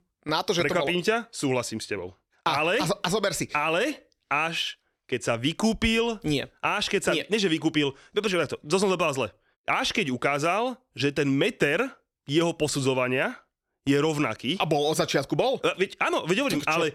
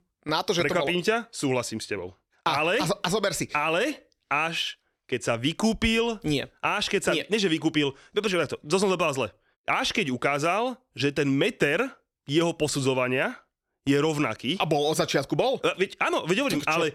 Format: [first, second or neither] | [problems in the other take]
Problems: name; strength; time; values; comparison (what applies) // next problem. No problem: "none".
neither | none